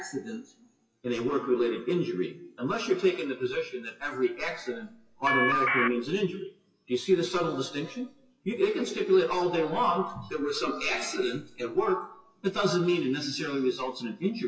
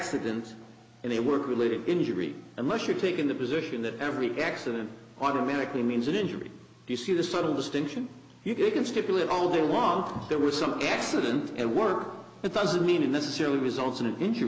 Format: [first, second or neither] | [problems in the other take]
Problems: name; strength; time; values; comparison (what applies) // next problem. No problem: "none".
second | noise reduction (classical method WPE with log-MMSE)